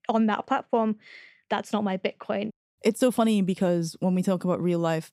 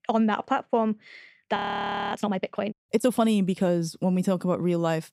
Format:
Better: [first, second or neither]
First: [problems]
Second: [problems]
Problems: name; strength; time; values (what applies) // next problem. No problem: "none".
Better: first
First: none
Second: audio freezing; at 1.5 s for 0.5 s